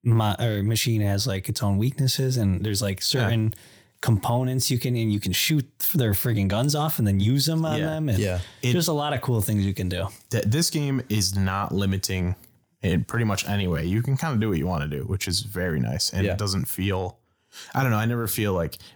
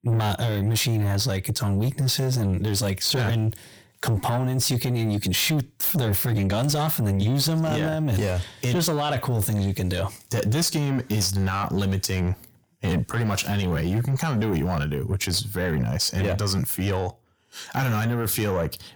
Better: first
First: none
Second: distortion; slight; 10 dB below the speech

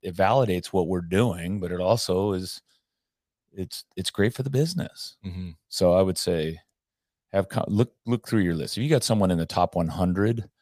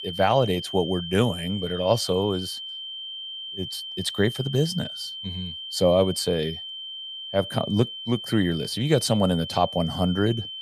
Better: first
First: none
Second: high-pitched whine; loud; throughout; 3 kHz, 9 dB below the speech

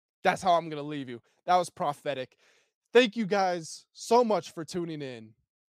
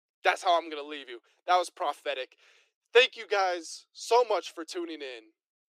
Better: first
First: none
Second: thin; very; fading below 300 Hz

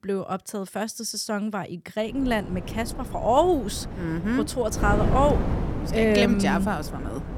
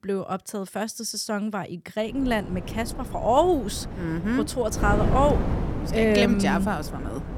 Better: neither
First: wind noise on the microphone; occasional gusts; from 2 s on; 10 dB below the speech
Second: wind noise on the microphone; occasional gusts; from 2 s on; 10 dB below the speech

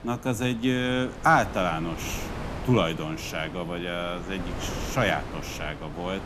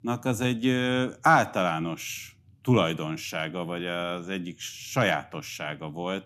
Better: second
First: wind noise on the microphone; occasional gusts; 10 dB below the speech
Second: none

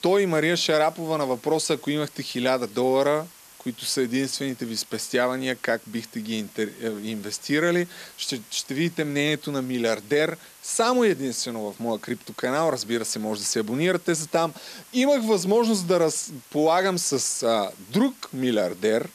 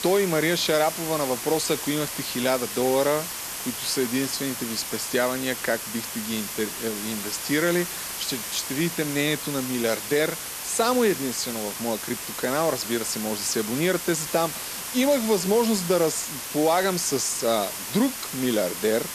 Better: first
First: hiss; faint; throughout; 20 dB below the speech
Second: hiss; loud; throughout; 5 dB below the speech

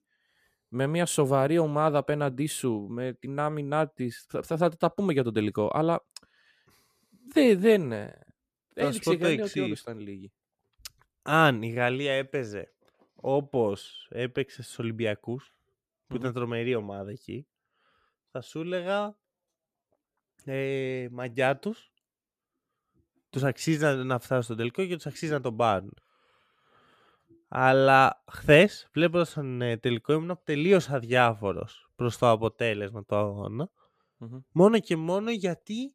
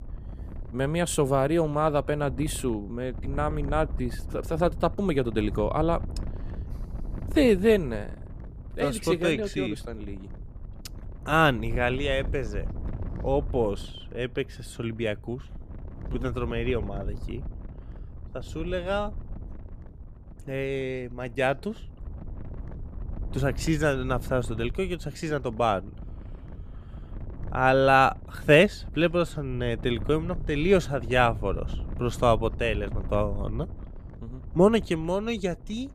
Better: first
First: none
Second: wind noise on the microphone; occasional gusts; 25 dB below the speech

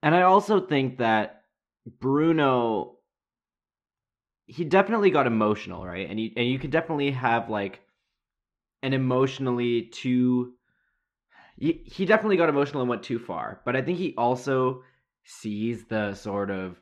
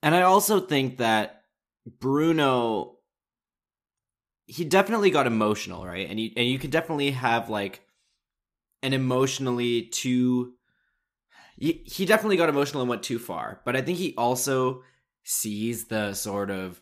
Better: second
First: muffled; slightly; fading above 2.5 kHz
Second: none

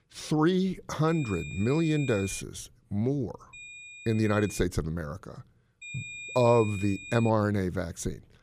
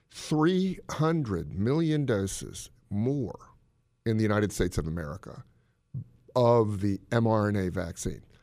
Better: second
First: high-pitched whine; noticeable; from 1 to 2.5 s, from 3.5 to 4.5 s and from 6 to 7.5 s; 2.5 kHz, 15 dB below the speech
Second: none

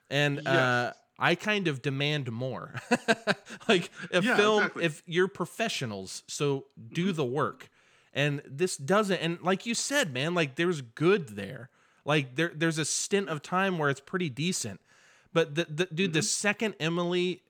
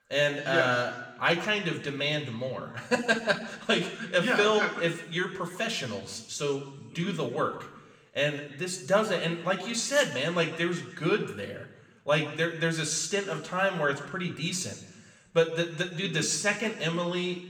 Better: first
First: none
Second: room echo; slight; dies away in 1 s // off-mic speech; somewhat distant

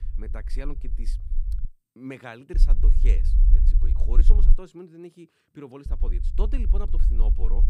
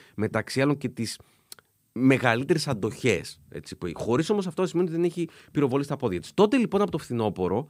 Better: second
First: low rumble; loud; until 1.5 s, from 2.5 to 4.5 s and from 6 s on; 7 dB below the speech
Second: none

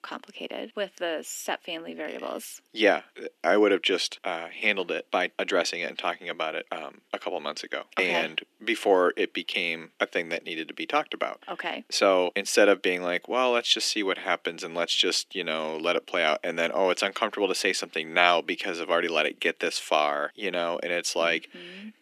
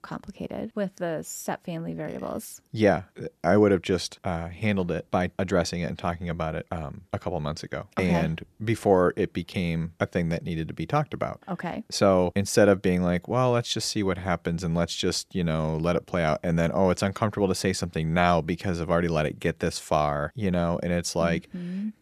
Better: second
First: thin; somewhat; fading below 250 Hz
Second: none

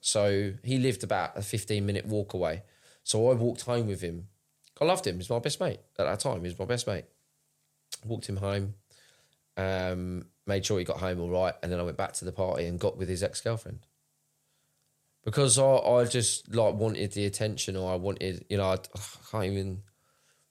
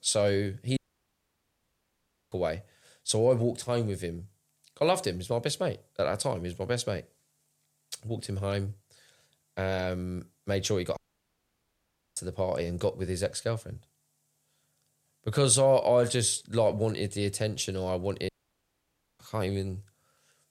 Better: first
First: none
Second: audio cutting out; at 1 s for 1.5 s, at 11 s for 1 s and at 18 s for 1 s

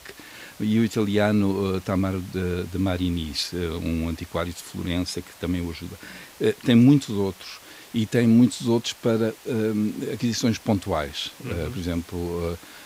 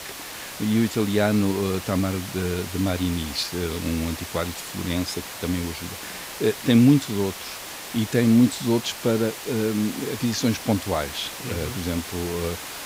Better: first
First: hiss; faint; throughout; 20 dB below the speech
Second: hiss; loud; throughout; 10 dB below the speech

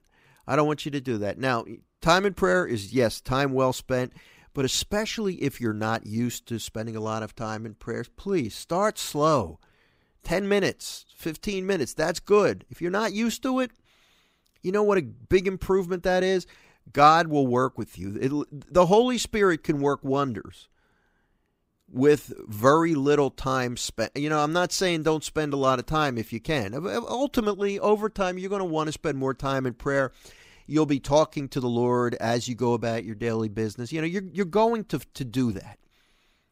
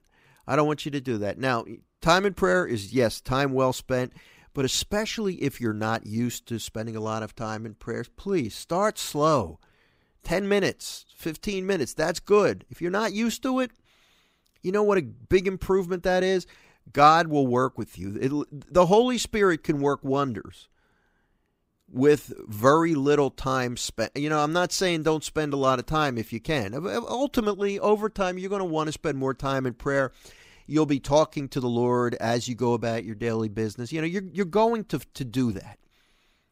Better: neither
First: none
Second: none

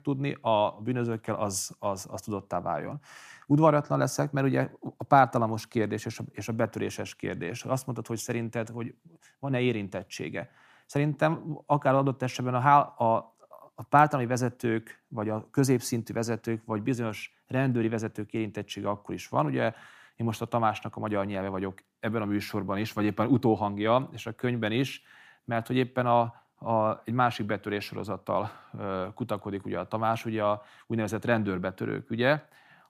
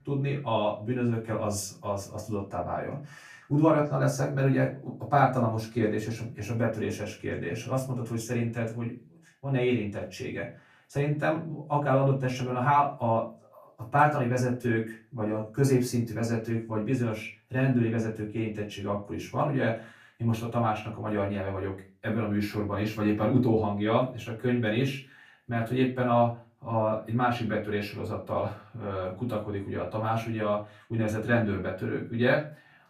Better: first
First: none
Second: off-mic speech; far // room echo; slight; dies away in 0.3 s

